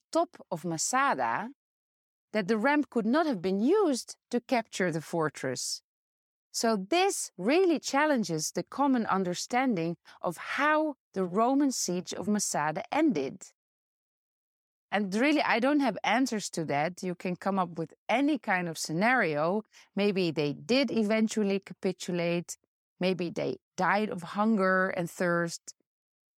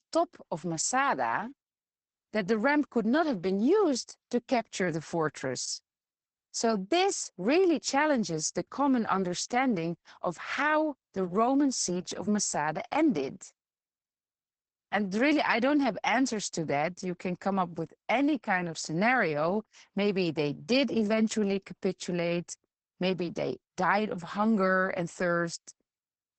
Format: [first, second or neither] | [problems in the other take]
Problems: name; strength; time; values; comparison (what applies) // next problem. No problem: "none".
first | garbled, watery; badly; nothing above 8 kHz